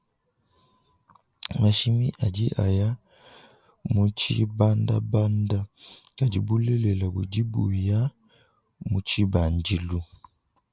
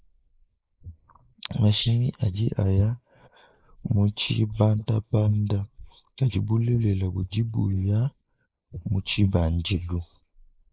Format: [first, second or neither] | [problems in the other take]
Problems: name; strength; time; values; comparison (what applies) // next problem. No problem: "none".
first | noise reduction (neural mask model Resemble Enhance denoiser)